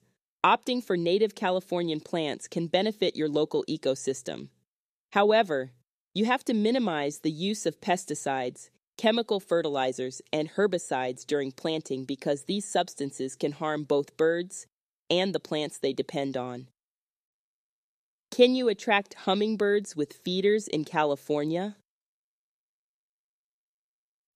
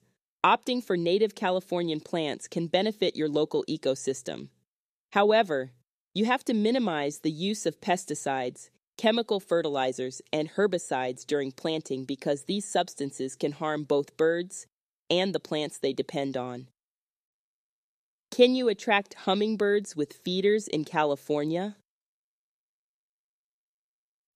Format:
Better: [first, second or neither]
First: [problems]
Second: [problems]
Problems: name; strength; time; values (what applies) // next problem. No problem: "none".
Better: neither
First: none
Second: none